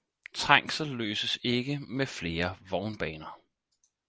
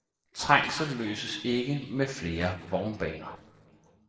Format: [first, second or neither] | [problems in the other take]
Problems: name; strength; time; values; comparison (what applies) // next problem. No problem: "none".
first | noise reduction (neural separator model SepFormer DNS4)